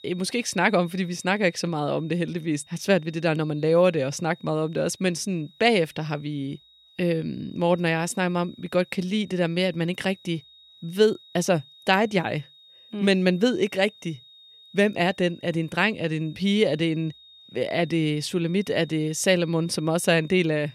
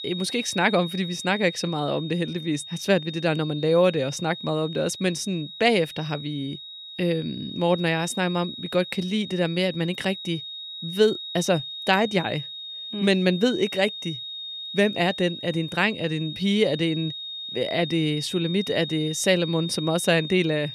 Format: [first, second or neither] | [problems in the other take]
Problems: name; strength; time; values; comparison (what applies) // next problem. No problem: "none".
first | high-pitched whine; loud; throughout; 3.5 kHz, 9 dB below the speech; faint in the first